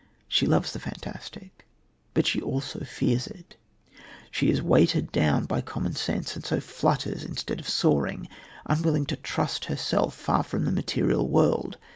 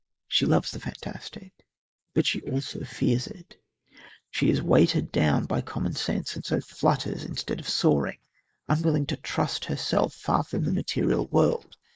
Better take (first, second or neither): first